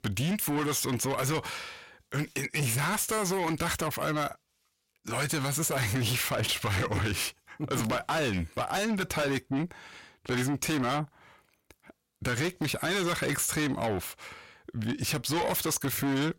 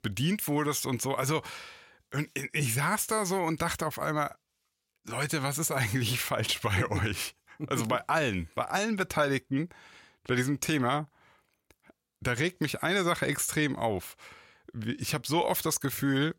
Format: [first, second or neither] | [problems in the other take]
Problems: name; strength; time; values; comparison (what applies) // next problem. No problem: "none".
second | distortion; heavy; 7 dB below the speech